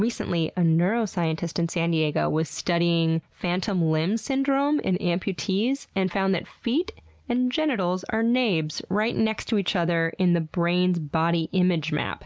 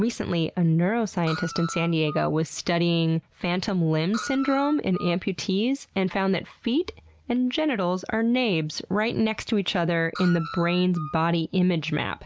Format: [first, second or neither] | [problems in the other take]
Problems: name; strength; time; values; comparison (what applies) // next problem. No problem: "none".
first | background sound (Screech); 13 dB below the speech